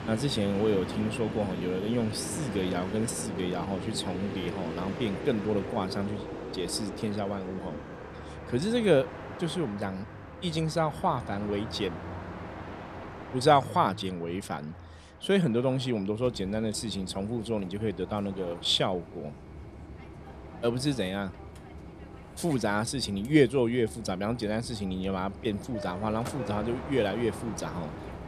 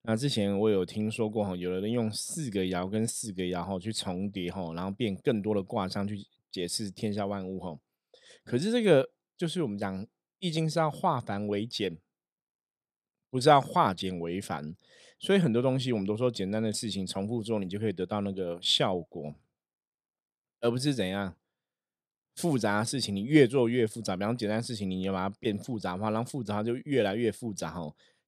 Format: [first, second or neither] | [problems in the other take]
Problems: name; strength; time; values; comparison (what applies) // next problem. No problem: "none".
second | train or aircraft noise; noticeable; throughout; 10 dB below the speech